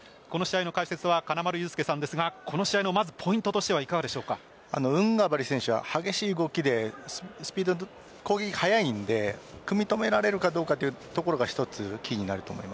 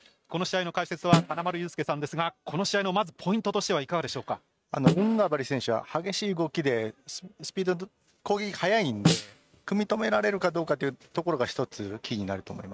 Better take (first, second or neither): first